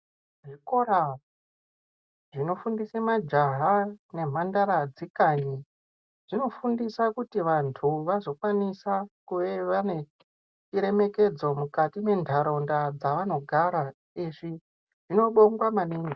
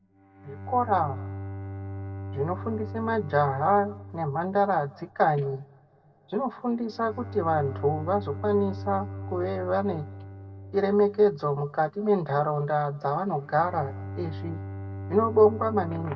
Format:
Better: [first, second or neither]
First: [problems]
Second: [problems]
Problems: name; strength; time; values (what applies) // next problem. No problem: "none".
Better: first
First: none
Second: background sound (Bowed string instrument); 11 dB below the speech // room echo; dies away in 1.7 s